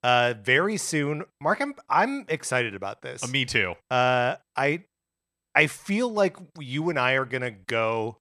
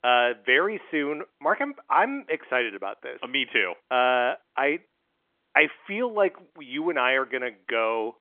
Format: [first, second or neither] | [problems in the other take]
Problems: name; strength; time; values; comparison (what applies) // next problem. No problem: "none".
first | phone-call audio; nothing above 3.5 kHz